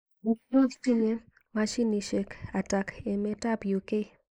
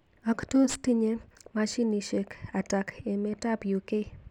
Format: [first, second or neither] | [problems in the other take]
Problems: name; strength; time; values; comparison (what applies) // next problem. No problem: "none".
second | noise reduction (neural mask model Resemble Enhance denoiser)